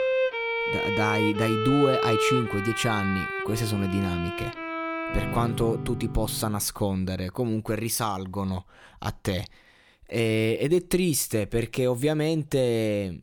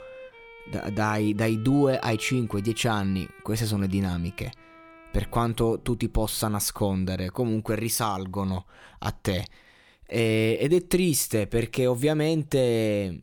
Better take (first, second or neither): second